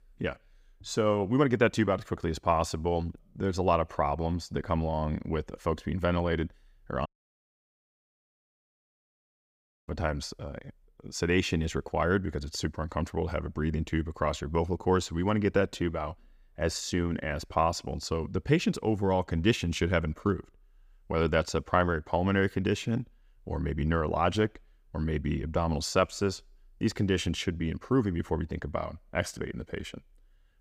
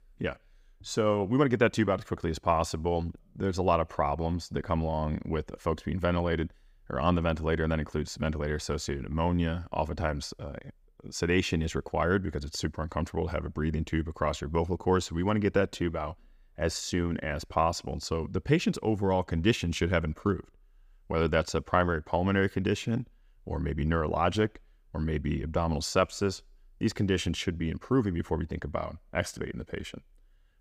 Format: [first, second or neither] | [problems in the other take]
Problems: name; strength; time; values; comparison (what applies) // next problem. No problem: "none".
second | audio cutting out; at 7 s for 3 s